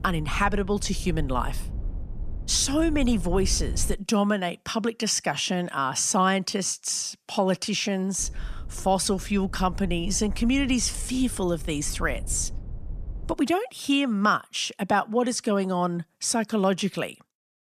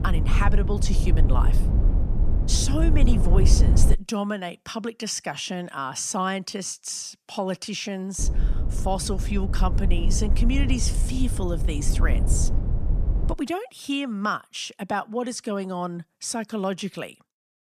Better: first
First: low rumble; faint; until 4 s and from 8 to 13 s; 25 dB below the speech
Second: low rumble; loud; until 4 s and from 8 to 13 s; 9 dB below the speech

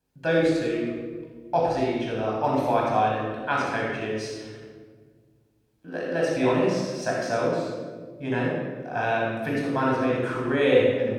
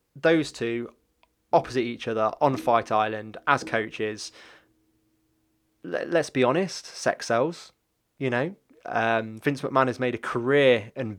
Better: second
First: room echo; strong; dies away in 1.6 s // off-mic speech; far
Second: none

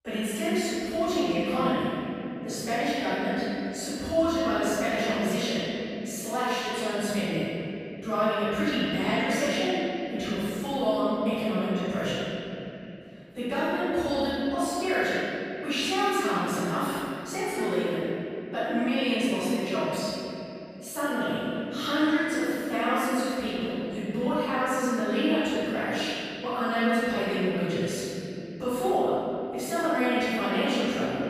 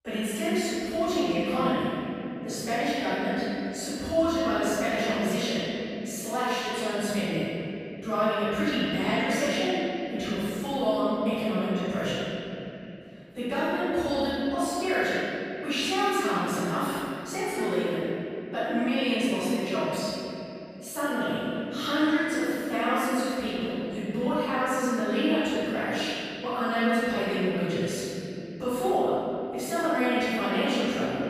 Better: neither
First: off-mic speech; far // room echo; strong; dies away in 3 s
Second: off-mic speech; far // room echo; strong; dies away in 3 s

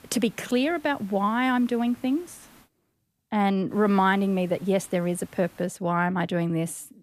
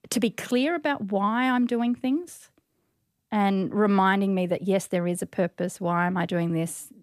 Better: second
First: hiss; faint; until 2.5 s and from 3.5 to 5.5 s; 25 dB below the speech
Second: none

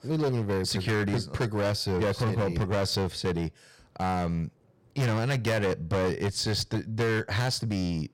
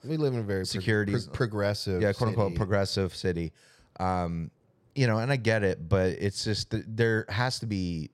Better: second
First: distortion; heavy; 16% of the sound clipped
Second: none

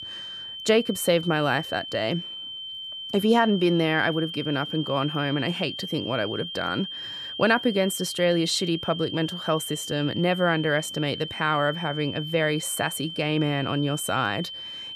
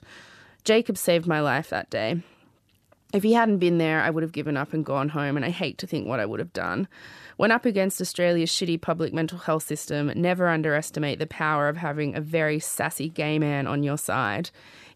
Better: second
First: high-pitched whine; loud; throughout; 3 kHz, 8 dB below the speech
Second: none

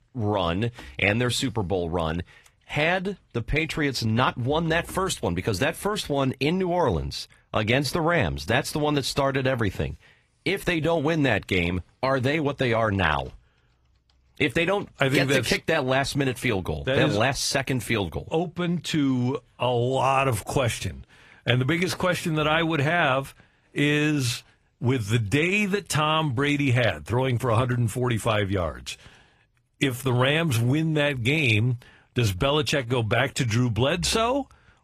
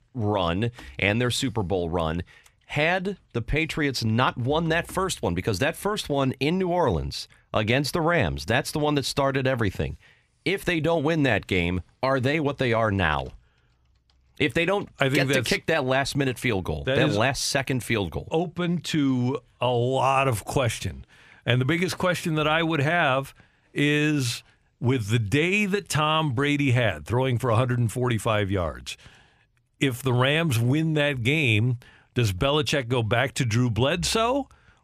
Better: second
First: garbled, watery; slightly; nothing above 14.5 kHz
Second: none

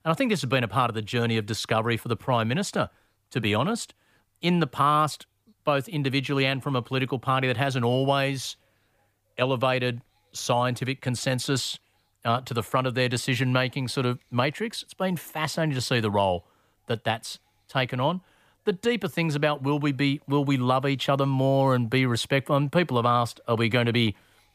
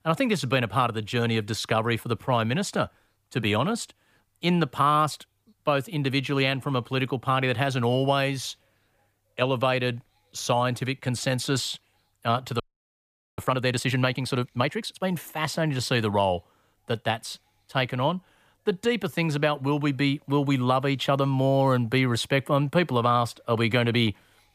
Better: first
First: none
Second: audio freezing; at 13 s for 1 s

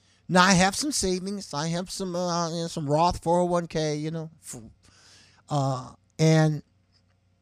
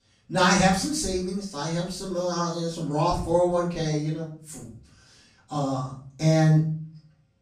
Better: first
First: none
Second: off-mic speech; far // room echo; noticeable; dies away in 0.4 s

